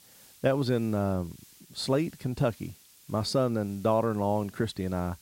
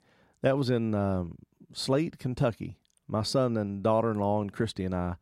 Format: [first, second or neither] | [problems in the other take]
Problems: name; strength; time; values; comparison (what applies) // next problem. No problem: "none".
second | hiss; faint; throughout; 25 dB below the speech